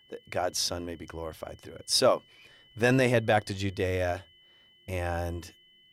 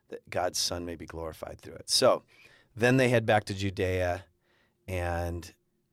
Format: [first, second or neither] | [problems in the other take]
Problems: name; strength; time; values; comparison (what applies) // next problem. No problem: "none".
second | high-pitched whine; faint; throughout; 3 kHz, 30 dB below the speech